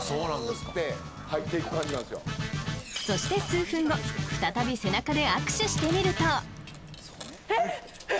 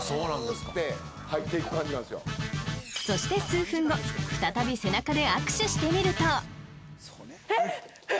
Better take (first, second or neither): second